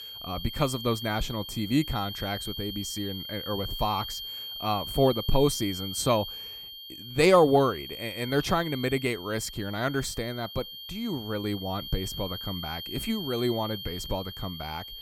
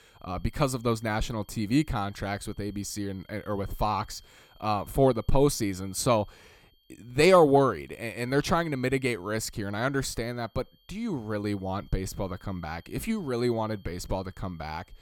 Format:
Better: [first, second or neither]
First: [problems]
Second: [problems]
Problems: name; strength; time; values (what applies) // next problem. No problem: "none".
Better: second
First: high-pitched whine; loud; throughout; 3 kHz, 8 dB below the speech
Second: high-pitched whine; faint; throughout; 3 kHz, 35 dB below the speech